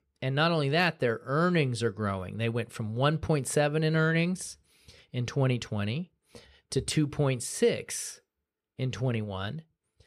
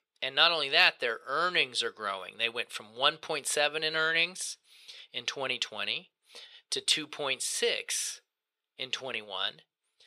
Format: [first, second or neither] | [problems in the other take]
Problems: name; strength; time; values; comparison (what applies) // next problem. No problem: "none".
first | thin; very; fading below 700 Hz